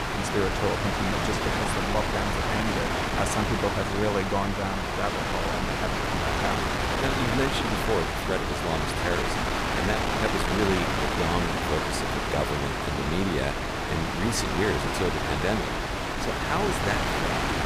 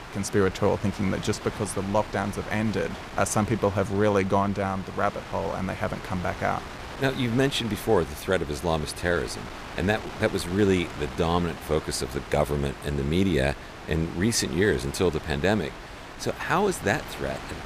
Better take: second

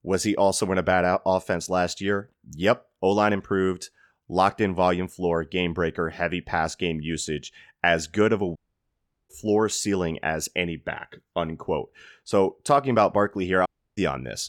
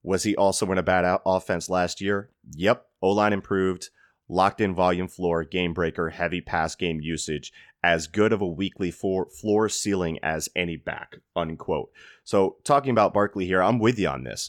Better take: second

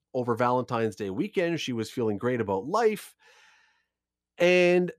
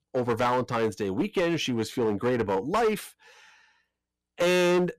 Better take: first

